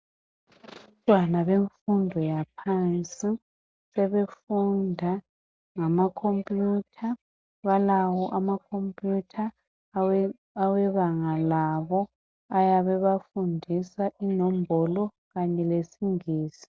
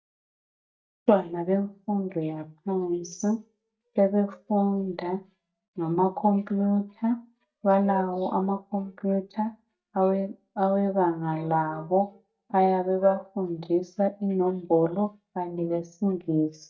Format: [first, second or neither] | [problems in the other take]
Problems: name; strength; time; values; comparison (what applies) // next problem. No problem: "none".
first | noise reduction (neural mask model DeepFilterNet 3)